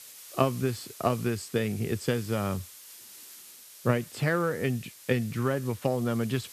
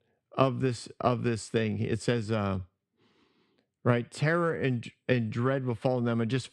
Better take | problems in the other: second | hiss; noticeable; throughout; 15 dB below the speech

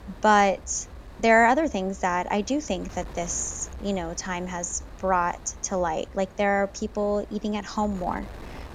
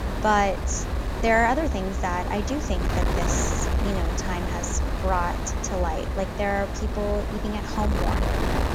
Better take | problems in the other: first | wind noise on the microphone; heavy; 5 dB below the speech; occasional gusts in the first

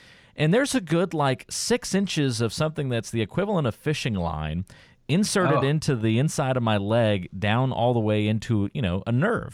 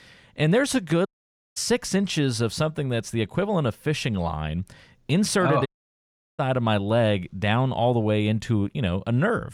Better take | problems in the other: first | audio cutting out; at 1 s for 0.5 s and at 5.5 s for 0.5 s

